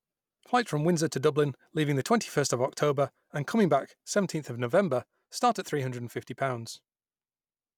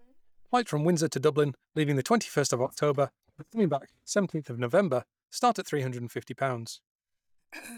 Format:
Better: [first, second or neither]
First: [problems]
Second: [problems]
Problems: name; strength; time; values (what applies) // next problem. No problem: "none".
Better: first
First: none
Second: noise reduction (neural mask model DeepFilterNet 3)